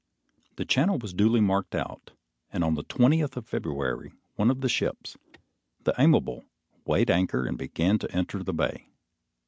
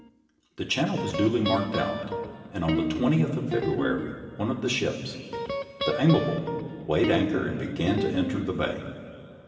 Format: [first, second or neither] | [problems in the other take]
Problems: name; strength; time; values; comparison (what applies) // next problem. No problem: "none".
first | background sound (Guitar); 5 dB below the speech // room echo; dies away in 2.4 s